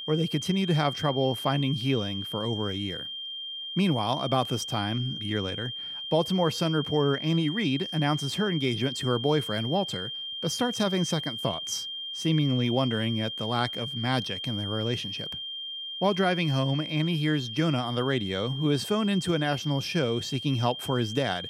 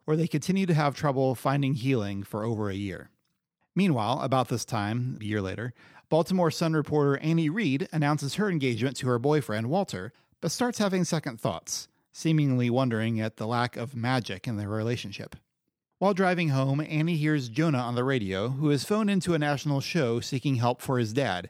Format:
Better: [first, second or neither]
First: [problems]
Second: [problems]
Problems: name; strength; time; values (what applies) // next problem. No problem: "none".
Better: second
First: high-pitched whine; loud; throughout; 3 kHz, 6 dB below the speech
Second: none